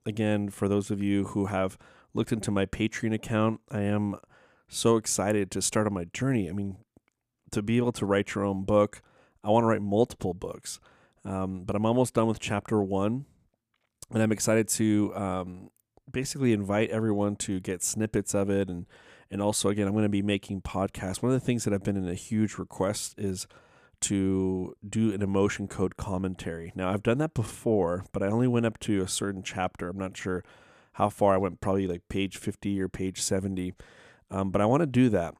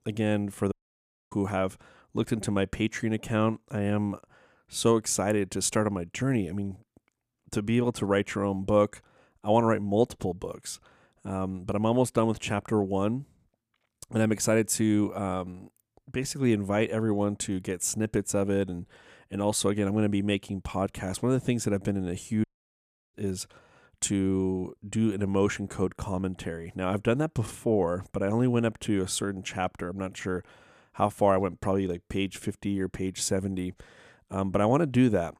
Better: first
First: none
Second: audio cutting out; at 0.5 s for 0.5 s and at 22 s for 0.5 s

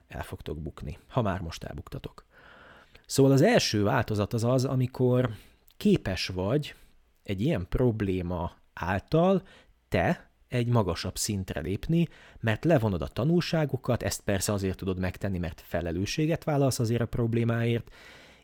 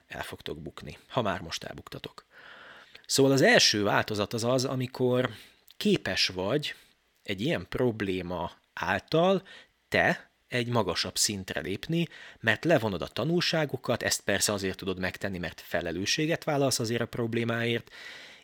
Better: first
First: none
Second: thin; very slightly; fading below 550 Hz

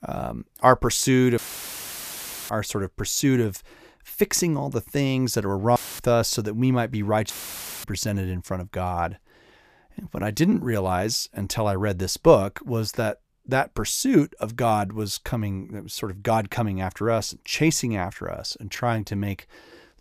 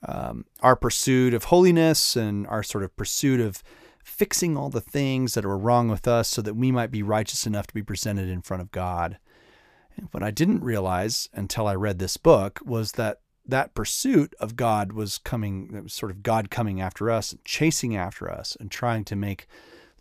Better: second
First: audio cutting out; filled with static; at 1.5 s for 1 s, at 6 s and at 7.5 s for 0.5 s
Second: none

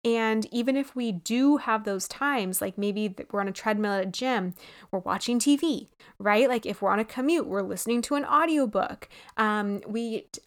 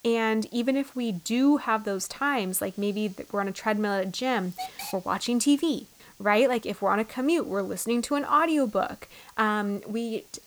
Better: first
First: none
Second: hiss; faint; throughout; 20 dB below the speech

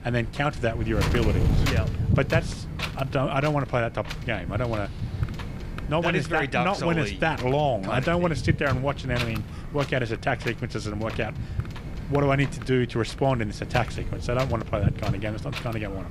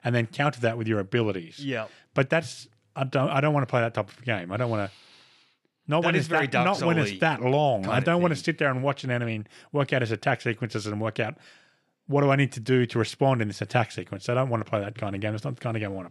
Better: second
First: wind noise on the microphone; occasional gusts; 10 dB below the speech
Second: none

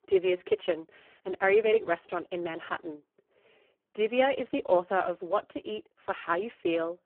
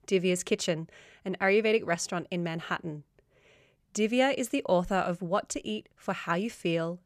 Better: second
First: phone-call audio; poor line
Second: none

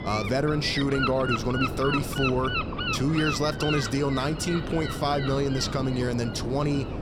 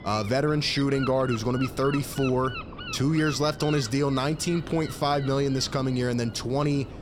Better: second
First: wind noise on the microphone; heavy; 2 dB below the speech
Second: wind noise on the microphone; occasional gusts; 10 dB below the speech

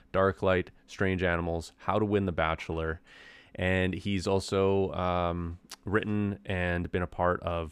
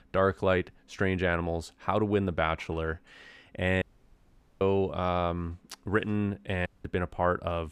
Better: first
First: none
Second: audio cutting out; at 4 s for 1 s and at 6.5 s

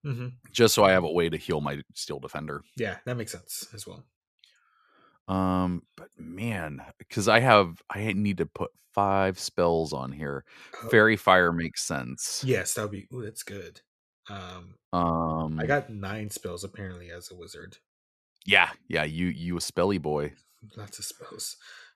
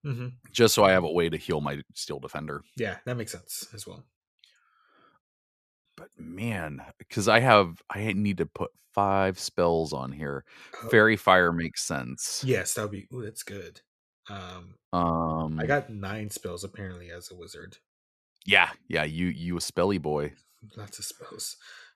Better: first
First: none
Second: audio cutting out; at 5 s for 0.5 s

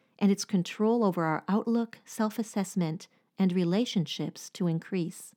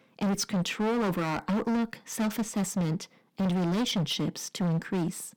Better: first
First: none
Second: distortion; heavy; 25% of the sound clipped

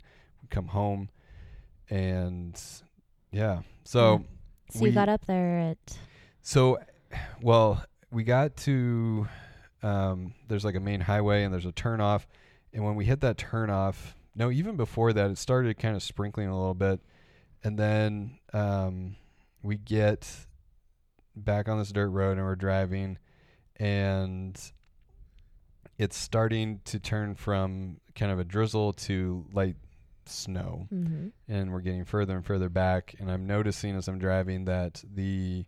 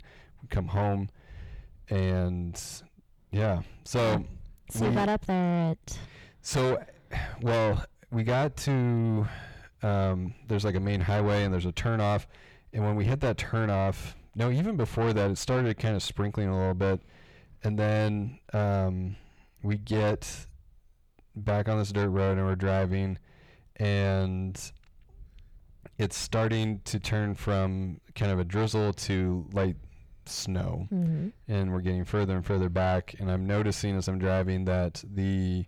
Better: first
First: none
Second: distortion; heavy; 8 dB below the speech

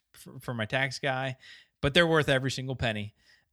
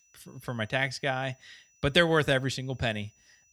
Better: first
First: none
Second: high-pitched whine; faint; throughout; 6 kHz, 35 dB below the speech

